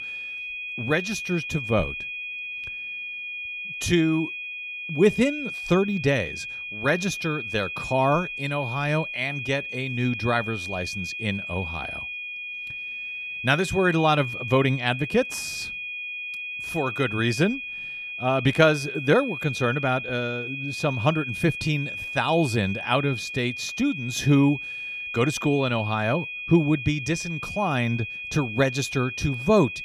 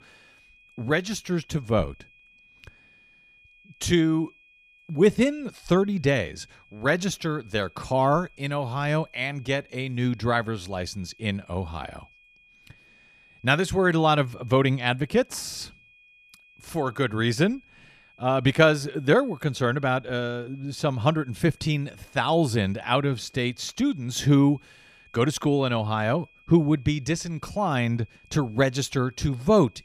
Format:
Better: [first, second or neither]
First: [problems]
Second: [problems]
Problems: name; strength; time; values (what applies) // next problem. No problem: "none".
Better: second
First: high-pitched whine; loud; throughout; 2.5 kHz, 6 dB below the speech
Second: high-pitched whine; faint; throughout; 2.5 kHz, 30 dB below the speech